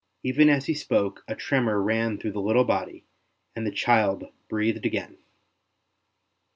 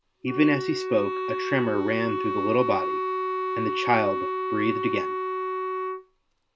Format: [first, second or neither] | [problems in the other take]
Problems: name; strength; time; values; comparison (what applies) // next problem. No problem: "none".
first | background sound (Wind instrument, woodwind instrument); 1 dB below the speech